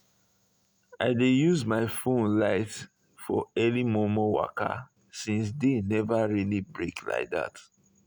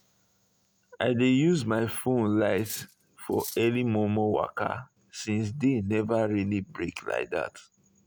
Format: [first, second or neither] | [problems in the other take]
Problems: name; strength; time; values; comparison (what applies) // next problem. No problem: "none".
first | background sound (Cutlery, silverware); 15 dB below the speech